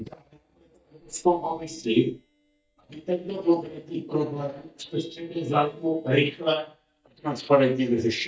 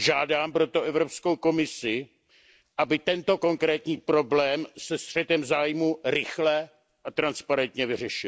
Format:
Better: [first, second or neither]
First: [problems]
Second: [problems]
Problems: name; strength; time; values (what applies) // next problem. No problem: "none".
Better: second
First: noise reduction (neural mask model DeepFilterNet 3)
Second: none